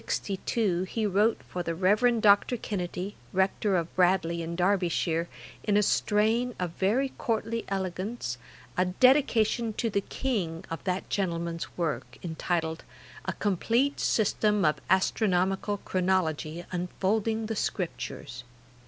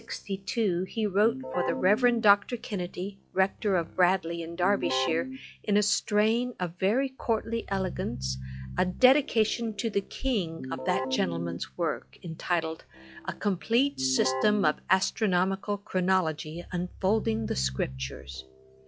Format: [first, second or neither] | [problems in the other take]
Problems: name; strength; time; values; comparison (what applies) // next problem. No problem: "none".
first | noise reduction (classical method log-MMSE)